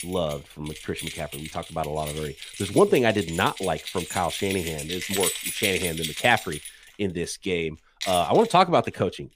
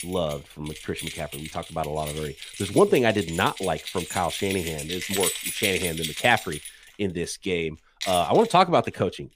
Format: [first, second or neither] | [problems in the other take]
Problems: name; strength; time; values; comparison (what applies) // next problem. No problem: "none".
neither | household noises; loud; throughout; 7 dB below the speech; the same in both